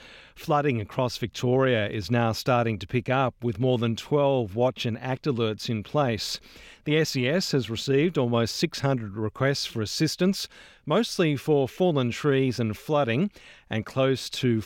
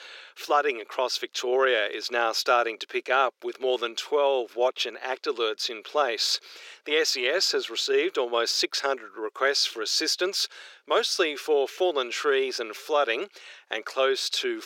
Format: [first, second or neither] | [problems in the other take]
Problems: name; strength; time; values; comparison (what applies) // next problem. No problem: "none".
first | thin; very; fading below 350 Hz